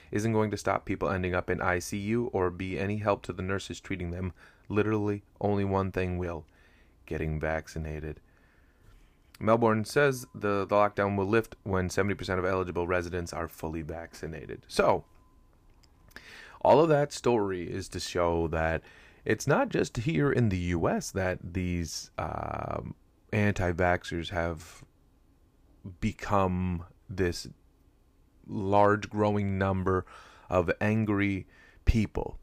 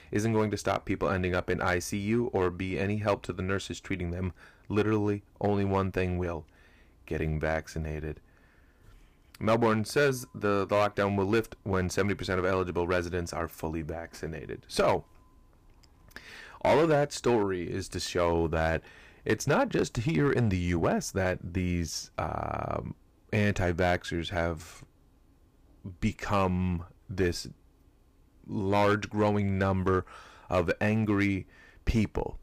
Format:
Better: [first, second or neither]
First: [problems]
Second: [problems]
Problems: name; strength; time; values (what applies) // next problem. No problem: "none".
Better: first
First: none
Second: distortion; slight; 4% of the sound clipped